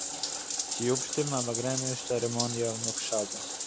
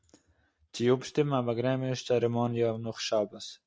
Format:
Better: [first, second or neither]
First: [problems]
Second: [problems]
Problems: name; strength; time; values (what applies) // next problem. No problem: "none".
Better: second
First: background sound (Bathtub (filling or washing)); 1 dB below the speech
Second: none